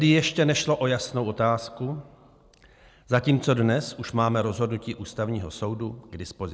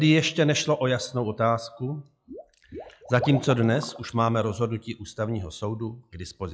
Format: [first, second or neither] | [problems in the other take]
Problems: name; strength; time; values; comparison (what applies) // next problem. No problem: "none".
first | noise reduction (classical method log-MMSE)